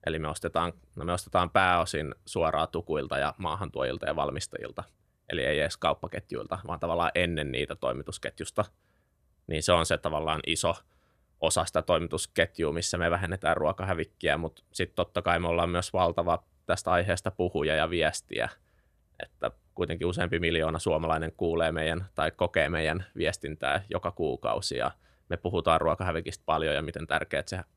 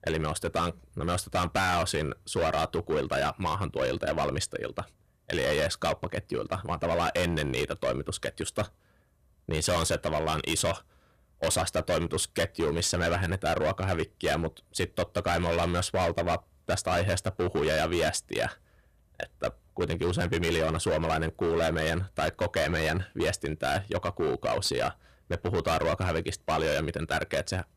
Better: first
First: none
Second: distortion; heavy; 14% of the sound clipped

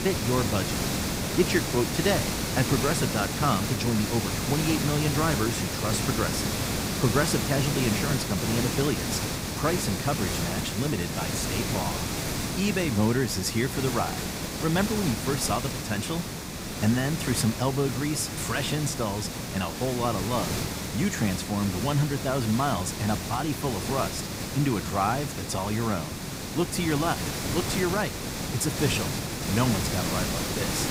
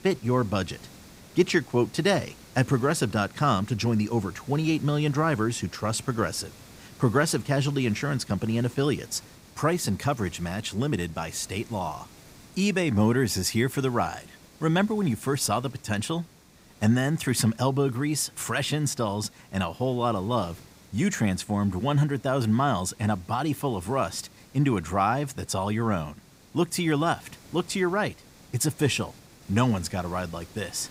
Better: second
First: hiss; loud; throughout; 2 dB below the speech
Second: hiss; faint; throughout; 25 dB below the speech

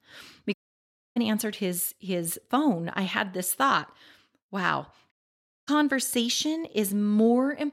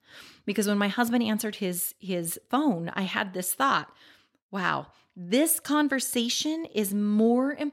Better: second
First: audio cutting out; at 0.5 s for 0.5 s and at 5 s for 0.5 s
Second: none

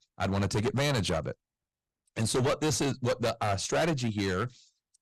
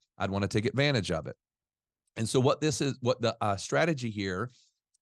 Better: second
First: distortion; heavy; 14% of the sound clipped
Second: none

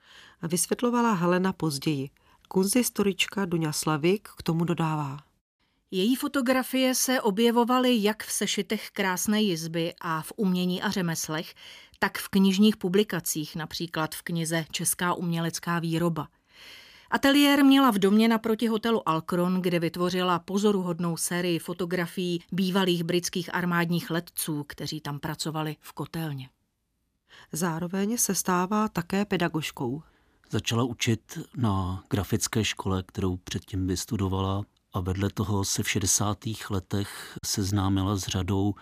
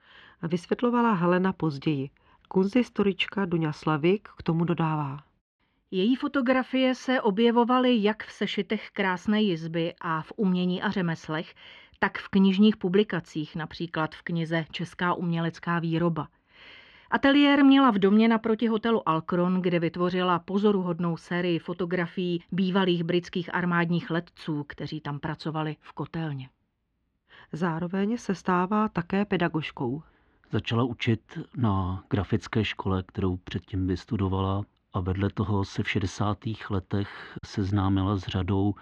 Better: first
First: none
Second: muffled; very; fading above 3 kHz

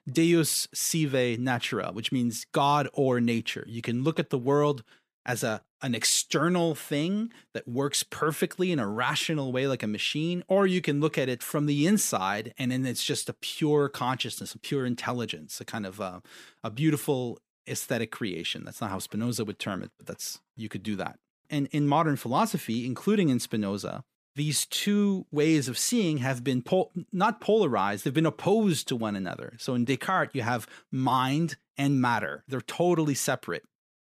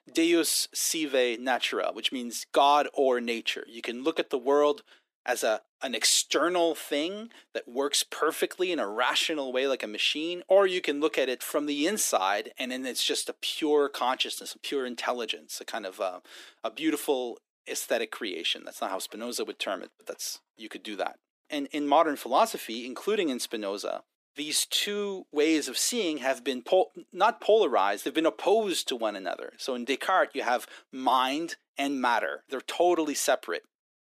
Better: first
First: none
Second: thin; somewhat; fading below 300 Hz

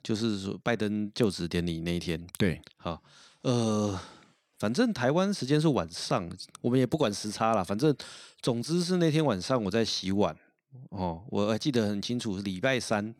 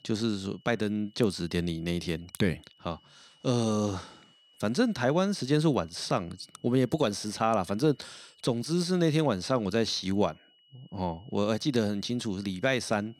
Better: first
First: none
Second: high-pitched whine; faint; throughout; 3 kHz, 30 dB below the speech

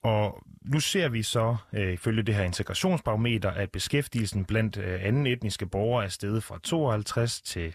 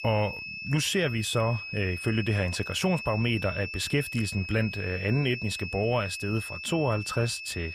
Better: first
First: none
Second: high-pitched whine; loud; throughout; 2.5 kHz, 7 dB below the speech

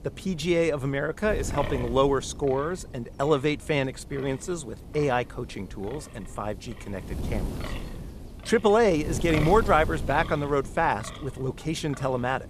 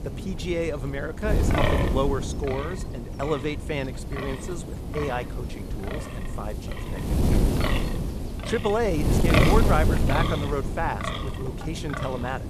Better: first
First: wind noise on the microphone; occasional gusts; 15 dB below the speech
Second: wind noise on the microphone; heavy; 2 dB below the speech

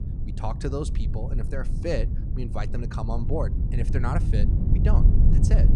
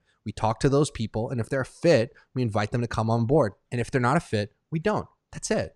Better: second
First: low rumble; loud; throughout; 5 dB below the speech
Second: none

